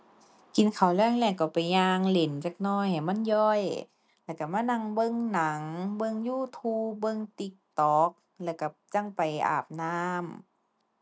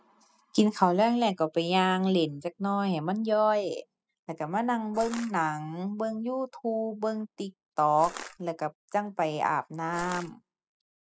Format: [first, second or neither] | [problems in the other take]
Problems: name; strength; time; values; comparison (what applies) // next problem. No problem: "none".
first | noise reduction (classical method spectral subtraction)